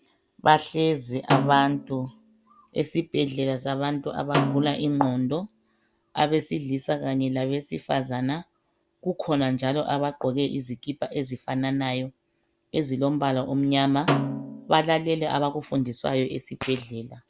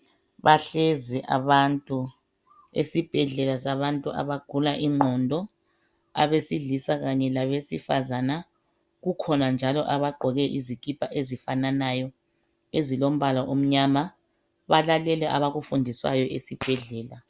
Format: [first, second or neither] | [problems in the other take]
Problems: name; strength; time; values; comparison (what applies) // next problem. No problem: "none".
second | background sound (Snare drum); 6 dB below the speech